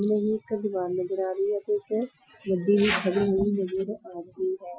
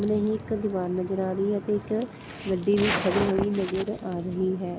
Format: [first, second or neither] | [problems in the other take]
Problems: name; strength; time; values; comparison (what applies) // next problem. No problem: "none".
second | noise reduction (classical method Wiener filter)